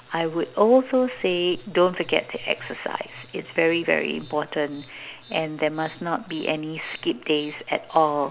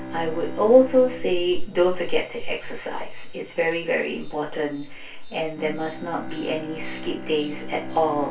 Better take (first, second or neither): first